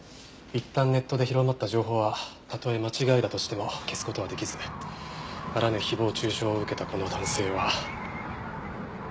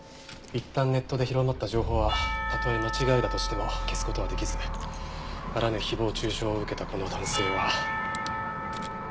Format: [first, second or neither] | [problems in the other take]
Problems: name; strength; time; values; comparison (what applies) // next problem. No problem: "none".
first | background sound (Church bell / Percussion + Rattle / Engine starting / Car); 2 dB below the speech